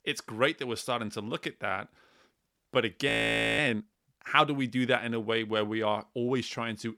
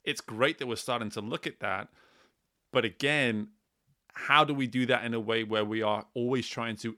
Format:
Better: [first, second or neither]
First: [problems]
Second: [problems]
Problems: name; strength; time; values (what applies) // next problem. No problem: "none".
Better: second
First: audio freezing; at 3 s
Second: none